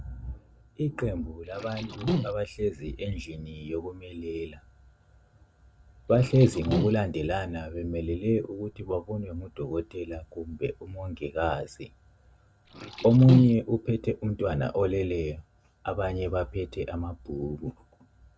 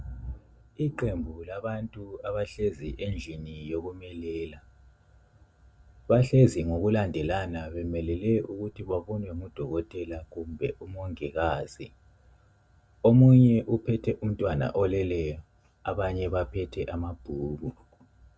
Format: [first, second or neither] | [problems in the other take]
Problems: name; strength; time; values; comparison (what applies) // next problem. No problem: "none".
second | background sound (Liquid); 3 dB below the speech